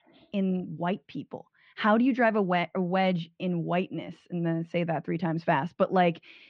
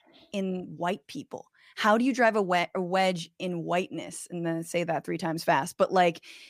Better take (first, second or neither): second